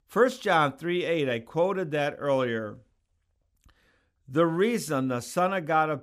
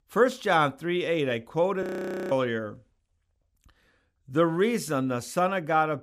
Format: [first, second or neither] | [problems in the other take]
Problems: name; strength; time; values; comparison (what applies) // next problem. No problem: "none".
first | audio freezing; at 2 s